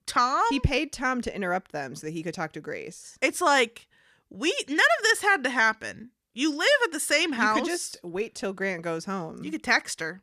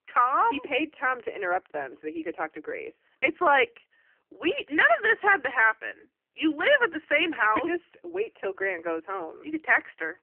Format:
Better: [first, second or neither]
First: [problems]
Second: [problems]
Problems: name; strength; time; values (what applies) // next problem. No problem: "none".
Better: first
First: none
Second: phone-call audio; poor line; nothing above 3 kHz